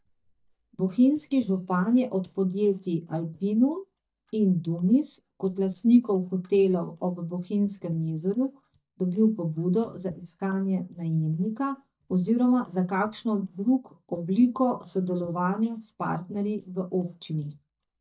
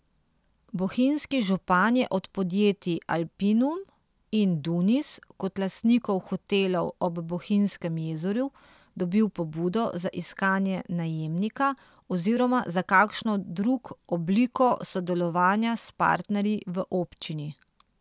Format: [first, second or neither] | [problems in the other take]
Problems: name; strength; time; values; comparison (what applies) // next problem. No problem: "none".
second | noise reduction (neural mask model DeepFilterNet 3)